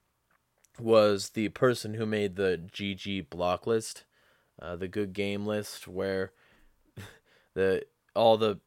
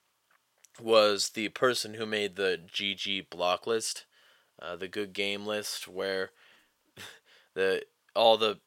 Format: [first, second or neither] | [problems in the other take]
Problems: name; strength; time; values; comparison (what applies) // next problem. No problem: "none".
first | thin; very slightly; fading below 600 Hz